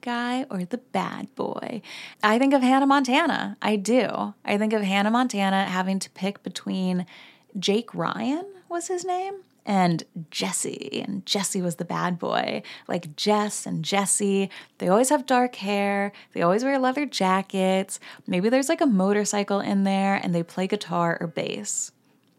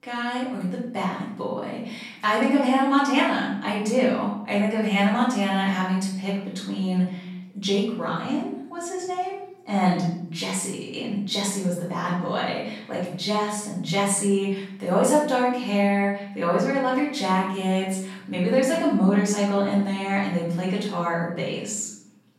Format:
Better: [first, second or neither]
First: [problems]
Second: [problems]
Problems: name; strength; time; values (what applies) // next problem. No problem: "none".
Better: first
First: none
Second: room echo; noticeable; dies away in 0.6 s // off-mic speech; far